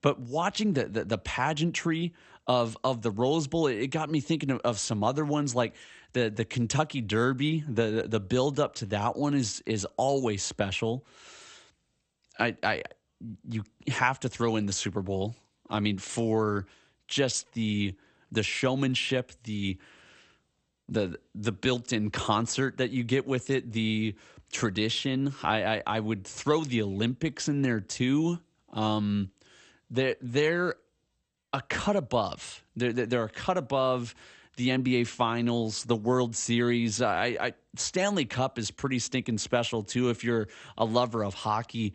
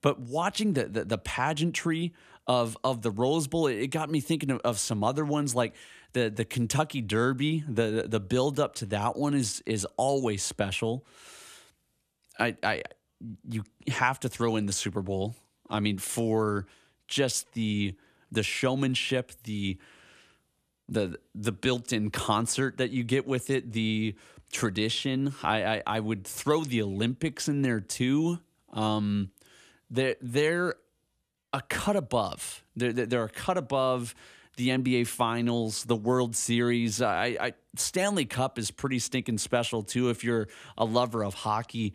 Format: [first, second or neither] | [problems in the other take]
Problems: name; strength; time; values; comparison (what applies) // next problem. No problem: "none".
second | garbled, watery; slightly; nothing above 8 kHz